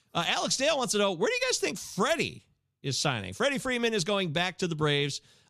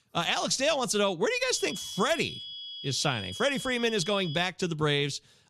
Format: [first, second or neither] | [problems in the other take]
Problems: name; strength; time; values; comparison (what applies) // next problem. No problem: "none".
first | high-pitched whine; noticeable; from 1.5 to 4.5 s; 3.5 kHz, 10 dB below the speech